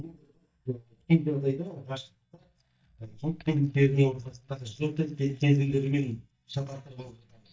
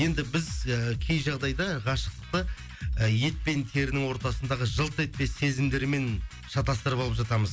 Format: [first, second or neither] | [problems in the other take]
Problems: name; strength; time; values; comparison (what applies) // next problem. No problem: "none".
second | noise reduction (neural mask model DeepFilterNet 3)